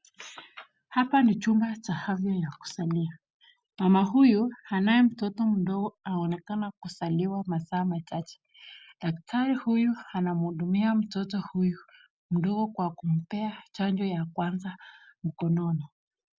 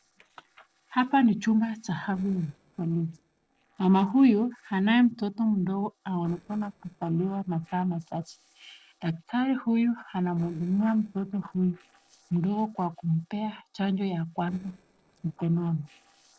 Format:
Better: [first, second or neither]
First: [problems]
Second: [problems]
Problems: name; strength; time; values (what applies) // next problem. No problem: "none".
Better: first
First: none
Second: noise reduction (neural separator model SepFormer DNS4)